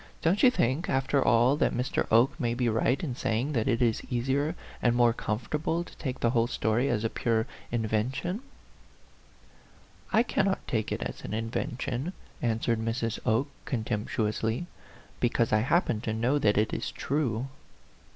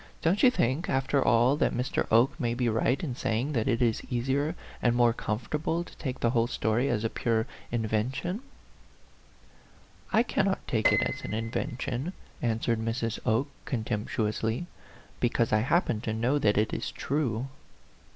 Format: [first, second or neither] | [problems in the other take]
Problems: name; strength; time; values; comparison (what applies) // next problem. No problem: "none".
first | background sound (Piano); 9 dB below the speech